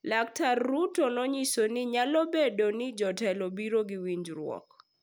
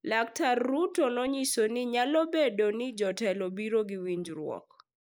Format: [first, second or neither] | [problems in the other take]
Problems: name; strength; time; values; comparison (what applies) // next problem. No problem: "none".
first | noise reduction (neural mask model Resemble Enhance denoiser)